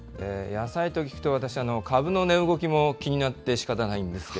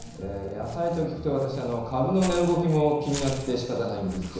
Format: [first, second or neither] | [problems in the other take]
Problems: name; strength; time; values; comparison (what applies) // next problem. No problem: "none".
first | background sound (Walk, footsteps / Bird); 16 dB below the speech // room echo; dies away in 1 s